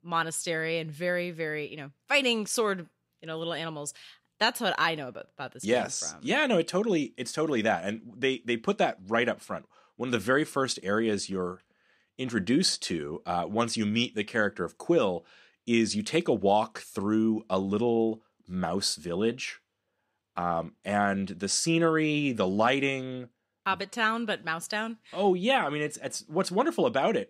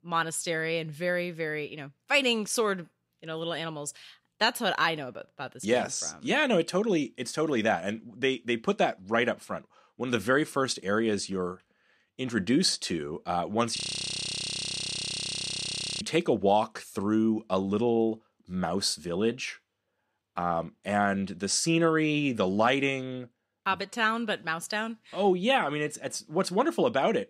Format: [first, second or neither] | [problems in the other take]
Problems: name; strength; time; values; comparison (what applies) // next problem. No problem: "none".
first | audio freezing; at 14 s for 2 s